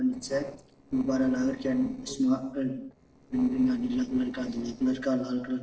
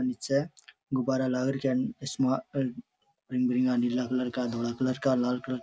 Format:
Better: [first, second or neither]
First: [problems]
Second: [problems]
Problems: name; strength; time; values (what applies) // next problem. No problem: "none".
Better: second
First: noise reduction (neural separator model SepFormer DNS4)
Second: none